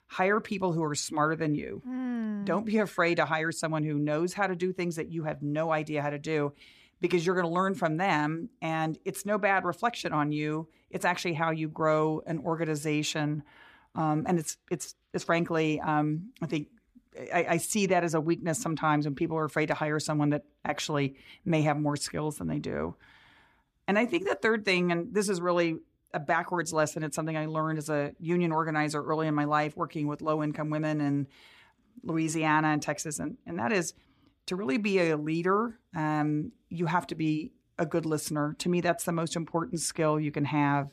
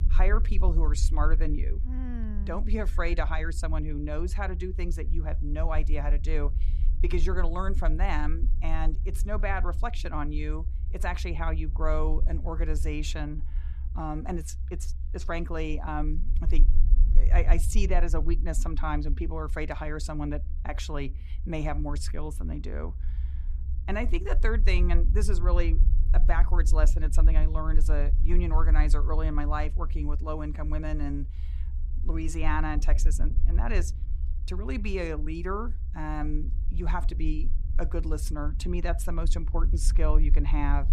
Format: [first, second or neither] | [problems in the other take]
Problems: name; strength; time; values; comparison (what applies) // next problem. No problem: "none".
first | low rumble; noticeable; throughout; 15 dB below the speech